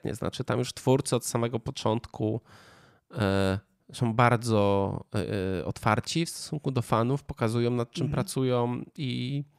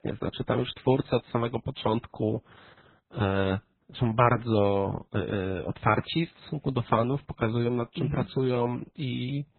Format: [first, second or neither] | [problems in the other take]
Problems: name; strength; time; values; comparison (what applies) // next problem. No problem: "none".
first | garbled, watery; badly; nothing above 4 kHz